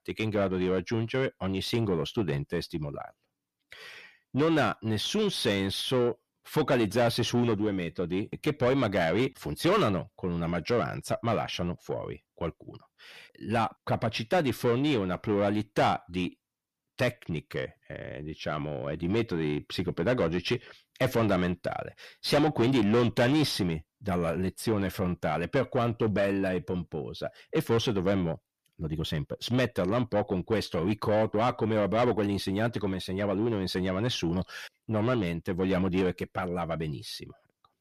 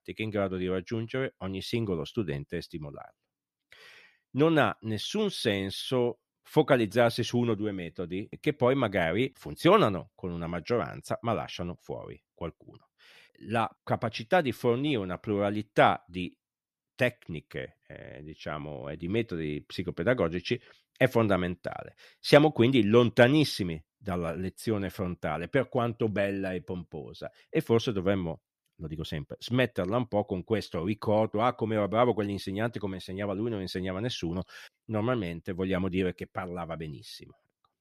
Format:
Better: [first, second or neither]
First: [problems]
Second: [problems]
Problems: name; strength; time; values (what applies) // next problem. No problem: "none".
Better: second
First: distortion; heavy; 7 dB below the speech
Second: none